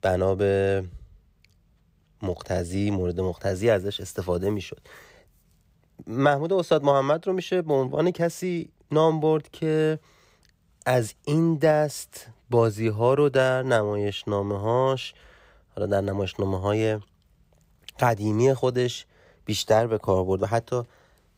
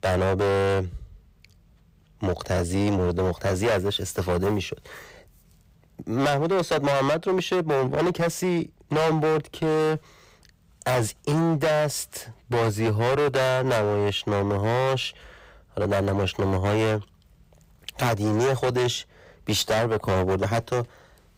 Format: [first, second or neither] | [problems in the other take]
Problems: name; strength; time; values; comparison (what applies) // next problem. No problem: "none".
first | distortion; heavy; 19% of the sound clipped